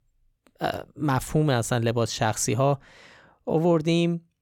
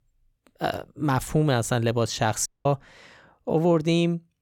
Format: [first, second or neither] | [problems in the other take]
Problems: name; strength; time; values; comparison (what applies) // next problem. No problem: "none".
first | audio cutting out; at 2.5 s